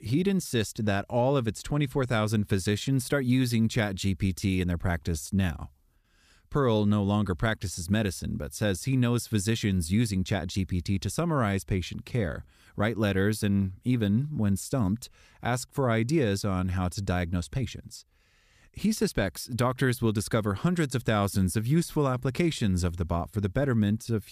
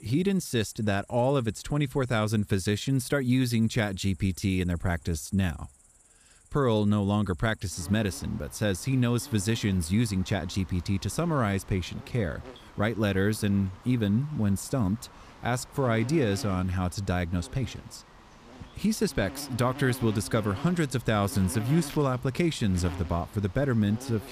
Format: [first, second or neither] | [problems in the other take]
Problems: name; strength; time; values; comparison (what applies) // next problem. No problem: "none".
first | animal sounds; noticeable; throughout; 20 dB below the speech